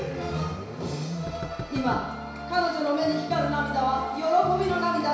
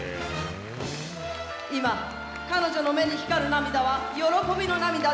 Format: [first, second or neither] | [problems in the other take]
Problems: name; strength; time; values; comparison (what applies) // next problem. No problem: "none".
second | background sound (Knock); 14 dB below the speech // room echo; dies away in 0.6 s